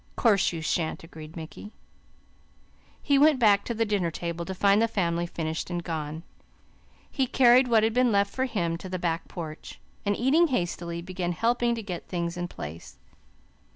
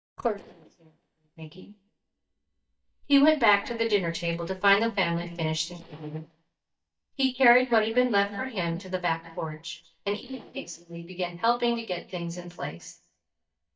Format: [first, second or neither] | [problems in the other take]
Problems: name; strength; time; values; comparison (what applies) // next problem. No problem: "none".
first | noise reduction (neural mask model DeepFilterNet 3)